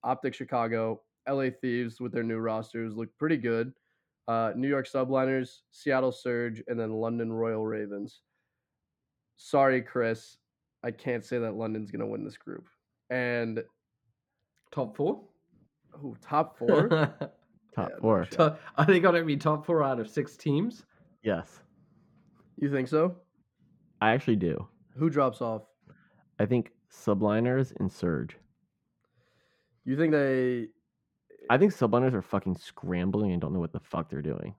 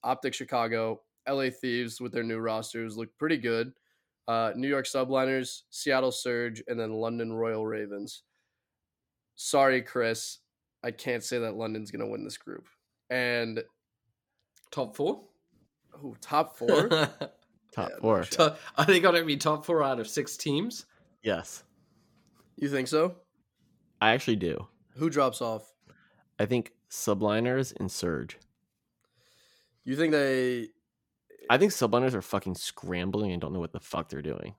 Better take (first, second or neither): second